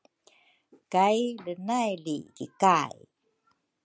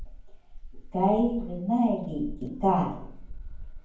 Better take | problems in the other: first | background sound (Keys jangling); 11 dB below the speech // room echo; dies away in 0.9 s

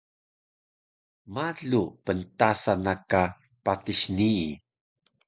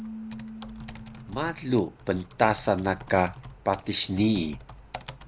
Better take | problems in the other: first | background sound (Typing + Keyboard (musical)); 14 dB below the speech

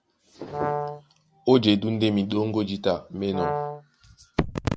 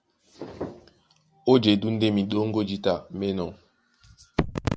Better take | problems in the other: second | background sound (Brass instrument); 6 dB below the speech

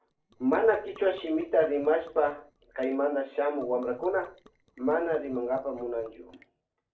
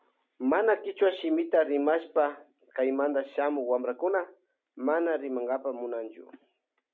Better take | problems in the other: second | noise reduction (neural separator model SepFormer DNS4)

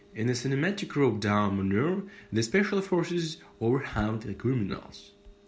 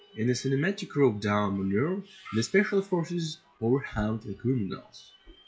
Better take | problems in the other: first | noise reduction (classical method WPE with log-MMSE)

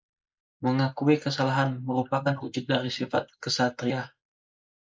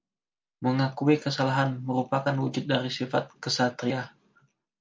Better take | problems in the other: second | noise reduction (neural mask model Resemble Enhance denoiser)

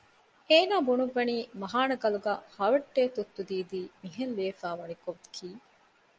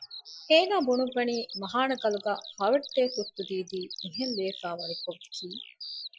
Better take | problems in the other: first | noise reduction (classical method Wiener filter)

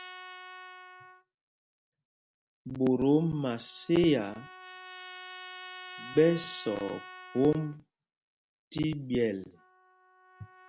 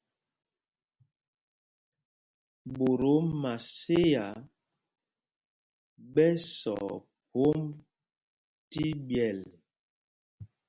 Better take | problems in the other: second | background sound (Trumpet); 17 dB below the speech

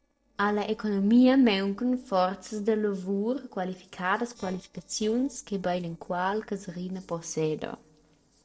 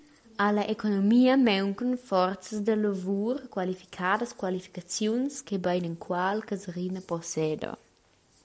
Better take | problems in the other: second | noise reduction (neural separator model SepFormer DNS4)

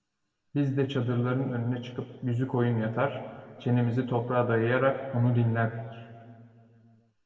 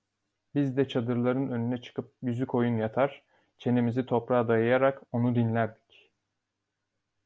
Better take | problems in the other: second | room echo; dies away in 2 s

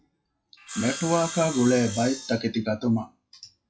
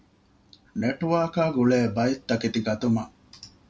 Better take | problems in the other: second | noise reduction (classical method log-MMSE)

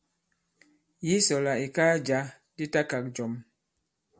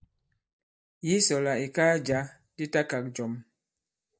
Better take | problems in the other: first | noise reduction (neural mask model DeepFilterNet 3)

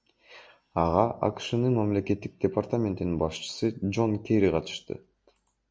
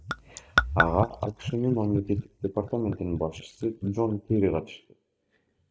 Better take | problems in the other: first | noise reduction (neural mask model DeepFilterNet 3)

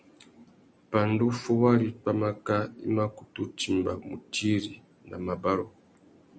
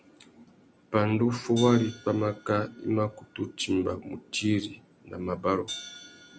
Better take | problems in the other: first | background sound (Hi-hat); 19 dB below the speech

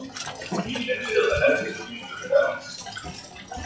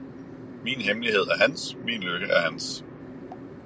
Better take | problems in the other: second | noise reduction (classical method WPE with log-MMSE)

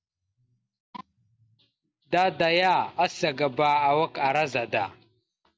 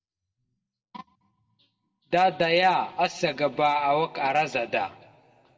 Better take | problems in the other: first | room echo; dies away in 1.2 s

